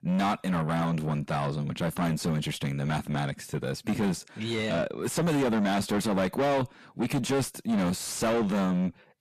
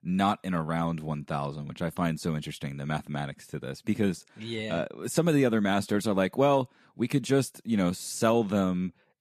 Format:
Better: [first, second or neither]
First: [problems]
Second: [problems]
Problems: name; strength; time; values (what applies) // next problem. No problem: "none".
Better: second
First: distortion; heavy; 6 dB below the speech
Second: none